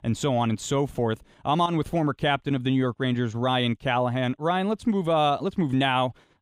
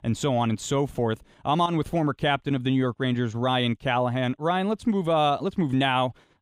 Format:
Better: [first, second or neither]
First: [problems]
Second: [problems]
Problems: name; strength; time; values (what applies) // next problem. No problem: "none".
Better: neither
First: none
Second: none